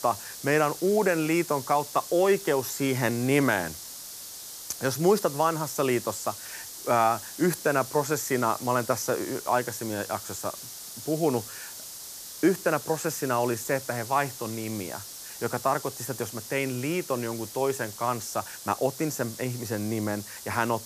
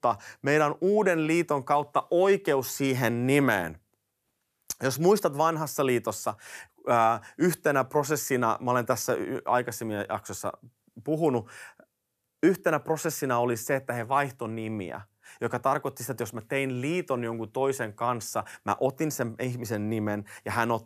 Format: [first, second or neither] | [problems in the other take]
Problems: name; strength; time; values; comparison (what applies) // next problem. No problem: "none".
second | hiss; noticeable; throughout; 10 dB below the speech